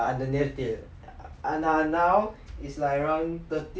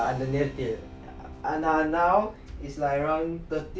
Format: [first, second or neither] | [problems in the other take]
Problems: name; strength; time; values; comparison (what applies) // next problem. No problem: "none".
first | background sound (Purr + Keyboard (musical)); 18 dB below the speech